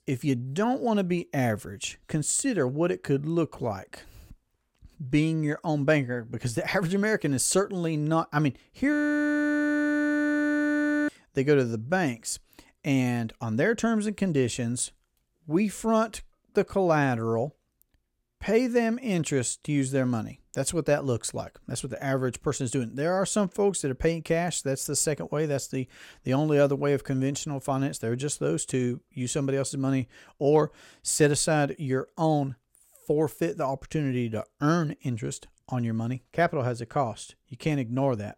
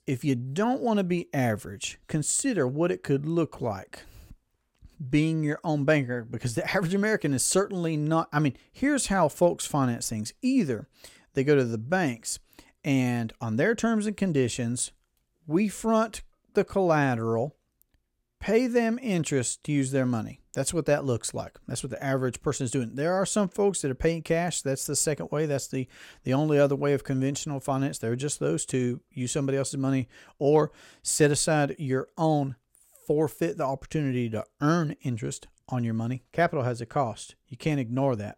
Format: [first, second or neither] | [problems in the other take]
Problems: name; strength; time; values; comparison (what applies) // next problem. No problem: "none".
second | audio freezing; at 9 s for 2 s